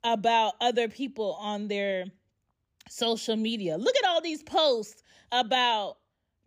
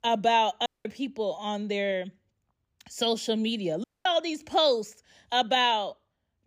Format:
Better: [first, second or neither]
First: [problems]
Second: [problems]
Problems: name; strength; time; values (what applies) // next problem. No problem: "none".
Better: first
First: none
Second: audio cutting out; at 0.5 s and at 4 s